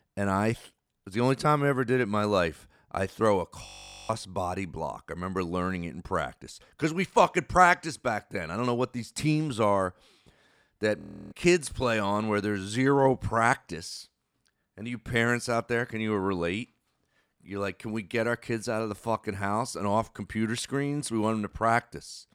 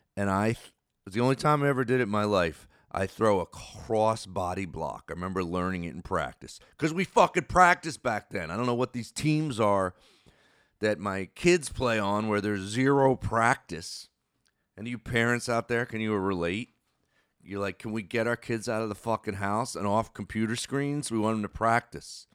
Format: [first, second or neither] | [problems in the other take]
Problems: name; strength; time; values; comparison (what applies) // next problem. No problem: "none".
second | audio freezing; at 3.5 s and at 11 s